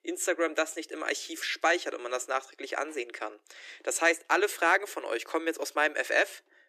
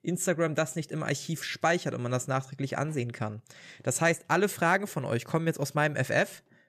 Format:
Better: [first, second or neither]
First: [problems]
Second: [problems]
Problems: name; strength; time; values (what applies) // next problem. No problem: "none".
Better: second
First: thin; very; fading below 300 Hz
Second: none